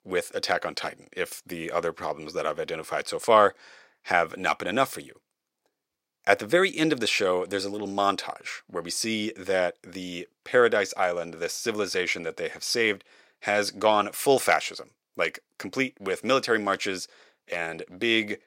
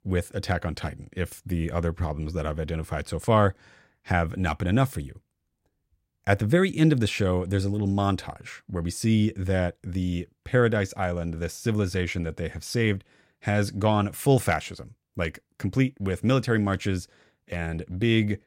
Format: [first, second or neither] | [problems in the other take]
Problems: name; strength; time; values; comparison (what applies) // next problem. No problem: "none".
second | thin; very; fading below 500 Hz